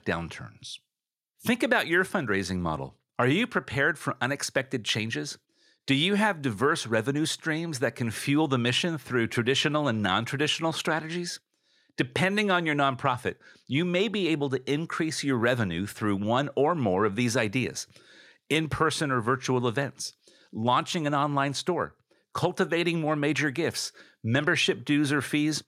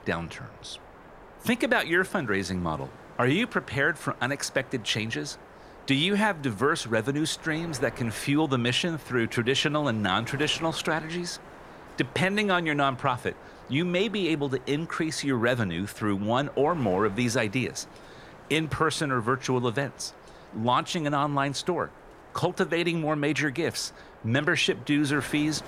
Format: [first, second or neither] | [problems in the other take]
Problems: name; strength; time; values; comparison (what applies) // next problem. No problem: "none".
first | wind noise on the microphone; occasional gusts; 20 dB below the speech